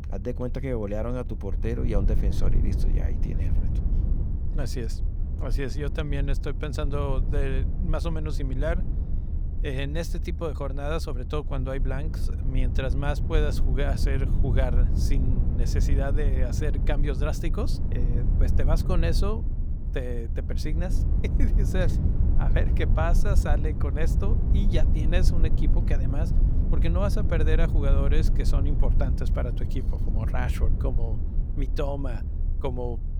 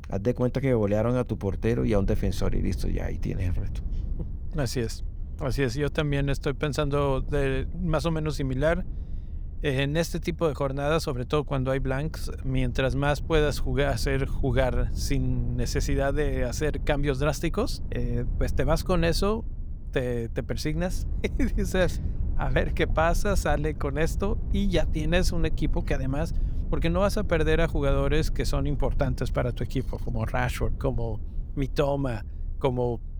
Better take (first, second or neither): second